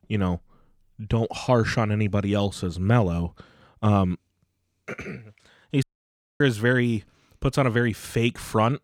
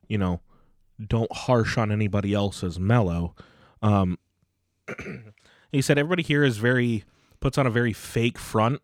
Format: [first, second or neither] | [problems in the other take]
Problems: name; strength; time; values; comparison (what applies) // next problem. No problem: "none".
second | audio cutting out; at 6 s for 0.5 s